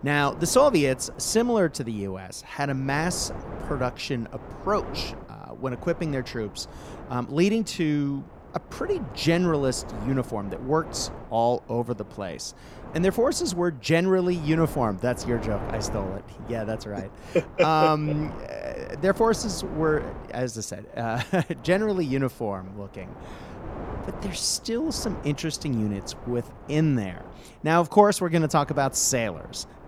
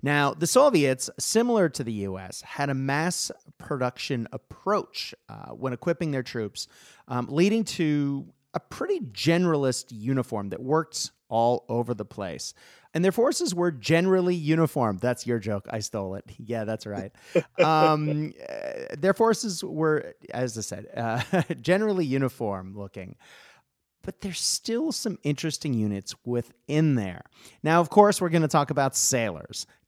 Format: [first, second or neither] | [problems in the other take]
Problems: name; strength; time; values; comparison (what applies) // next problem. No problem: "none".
second | wind noise on the microphone; occasional gusts; 15 dB below the speech